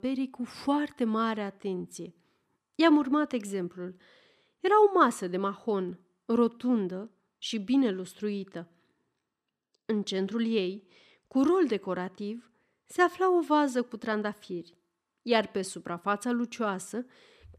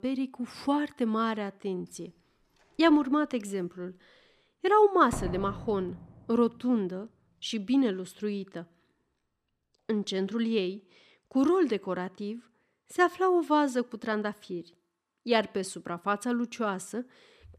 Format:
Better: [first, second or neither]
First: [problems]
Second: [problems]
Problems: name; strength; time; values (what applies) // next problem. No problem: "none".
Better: first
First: none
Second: door banging; noticeable; at 5 s; peak 8 dB below the speech